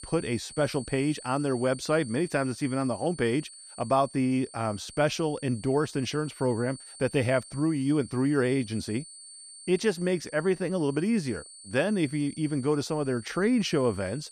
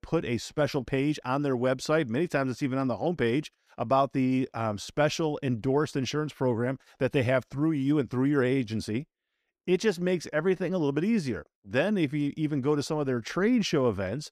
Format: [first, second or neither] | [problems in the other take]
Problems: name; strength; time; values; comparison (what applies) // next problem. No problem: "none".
second | high-pitched whine; noticeable; throughout; 9 kHz, 15 dB below the speech